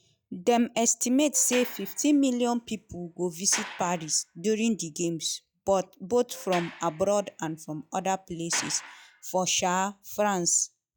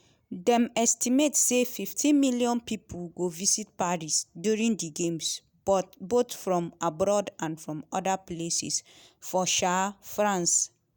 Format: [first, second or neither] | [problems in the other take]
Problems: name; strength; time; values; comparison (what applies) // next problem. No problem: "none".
second | noise reduction (classical method log-MMSE)